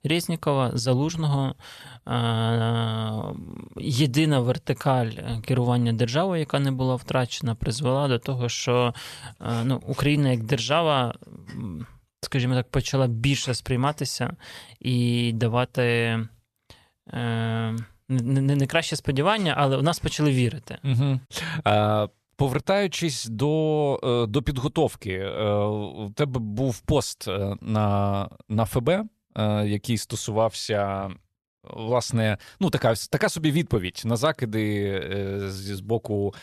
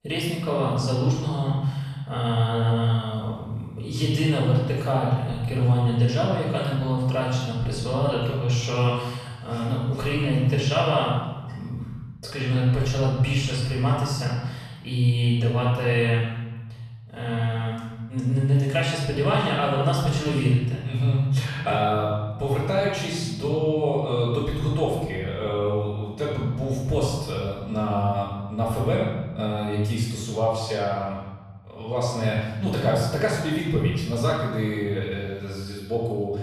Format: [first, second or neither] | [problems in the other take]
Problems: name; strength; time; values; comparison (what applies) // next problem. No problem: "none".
first | off-mic speech; far // room echo; strong; dies away in 1.4 s